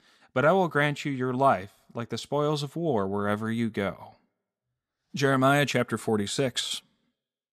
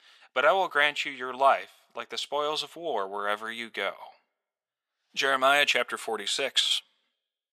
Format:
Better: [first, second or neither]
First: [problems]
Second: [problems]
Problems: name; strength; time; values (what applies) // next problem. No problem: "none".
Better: first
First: none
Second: thin; very; fading below 650 Hz